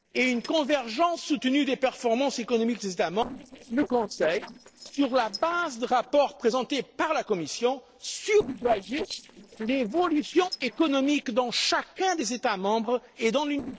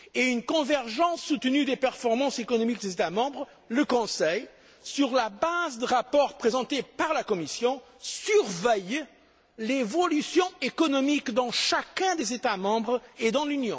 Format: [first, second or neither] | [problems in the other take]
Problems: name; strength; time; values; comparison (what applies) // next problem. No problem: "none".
second | noise reduction (neural separator model SepFormer DNS4)